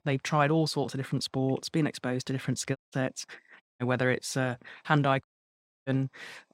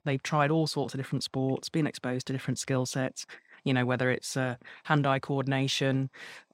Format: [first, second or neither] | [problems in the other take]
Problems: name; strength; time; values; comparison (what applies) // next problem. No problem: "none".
second | audio cutting out; at 3 s, at 3.5 s and at 5 s for 0.5 s